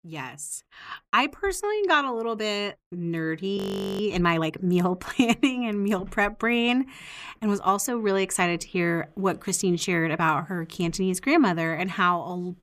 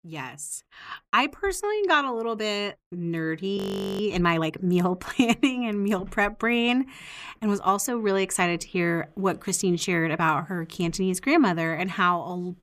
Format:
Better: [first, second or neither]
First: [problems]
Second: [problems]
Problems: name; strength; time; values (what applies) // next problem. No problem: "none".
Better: neither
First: audio freezing; at 3.5 s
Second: audio freezing; at 3.5 s